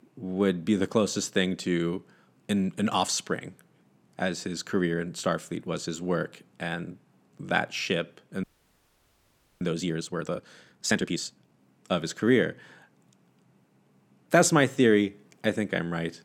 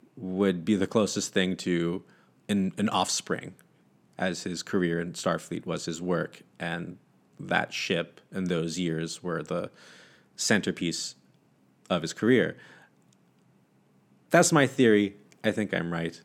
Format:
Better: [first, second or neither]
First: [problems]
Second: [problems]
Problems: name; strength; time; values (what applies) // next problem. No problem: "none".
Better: second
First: audio freezing; at 8.5 s for 1 s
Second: none